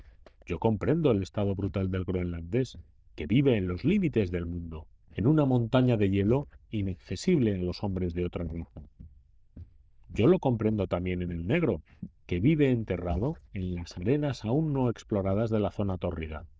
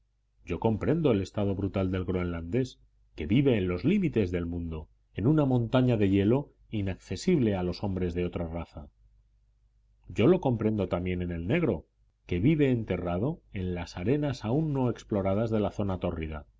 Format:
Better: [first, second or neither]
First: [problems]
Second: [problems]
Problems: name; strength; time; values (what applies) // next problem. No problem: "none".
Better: second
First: noise reduction (neural diffusion model UNIVERSE++)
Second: none